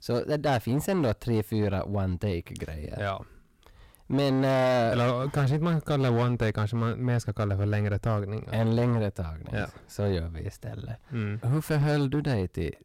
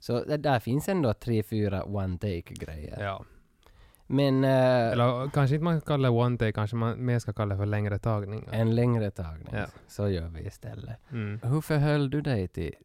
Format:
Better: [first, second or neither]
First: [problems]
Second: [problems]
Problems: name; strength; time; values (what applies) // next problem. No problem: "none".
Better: second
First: distortion; slight; 10% of the sound clipped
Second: none